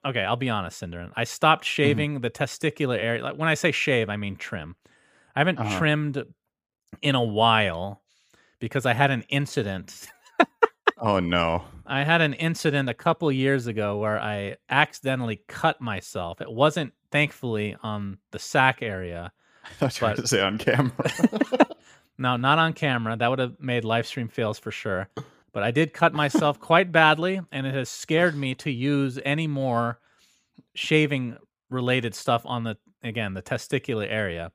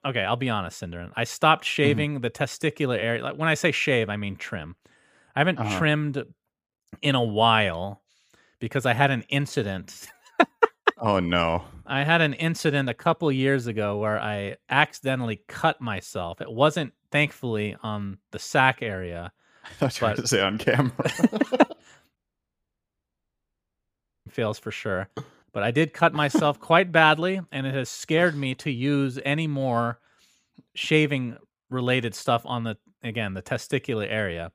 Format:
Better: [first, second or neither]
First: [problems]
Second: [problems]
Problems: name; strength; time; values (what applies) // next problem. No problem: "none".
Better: first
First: none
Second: audio cutting out; at 22 s for 2 s